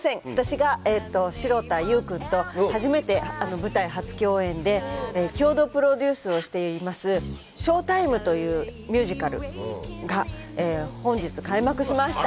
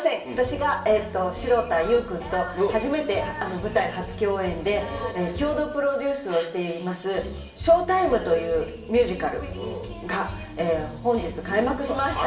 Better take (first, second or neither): first